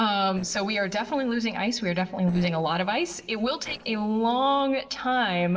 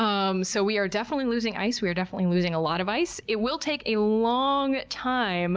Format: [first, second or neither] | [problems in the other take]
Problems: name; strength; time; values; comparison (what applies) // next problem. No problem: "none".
second | noise reduction (neural separator model SepFormer DNS4)